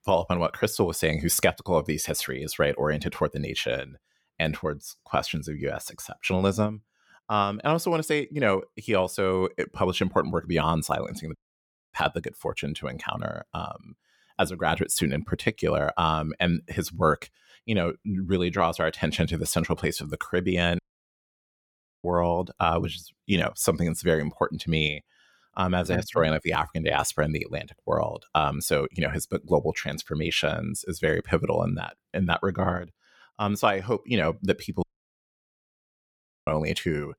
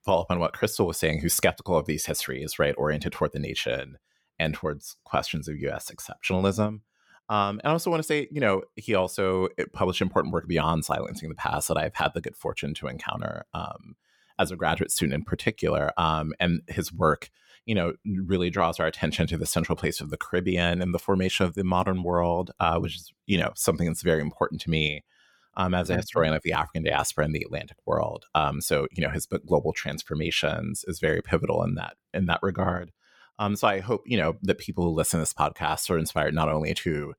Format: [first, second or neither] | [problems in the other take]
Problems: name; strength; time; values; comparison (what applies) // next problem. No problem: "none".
second | audio cutting out; at 11 s for 0.5 s, at 21 s for 1.5 s and at 35 s for 1.5 s